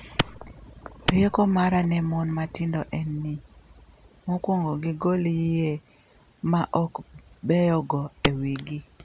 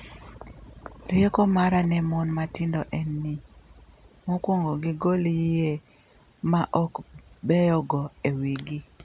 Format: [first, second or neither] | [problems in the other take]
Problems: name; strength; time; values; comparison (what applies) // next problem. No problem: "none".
second | background sound (Clapping); 1 dB below the speech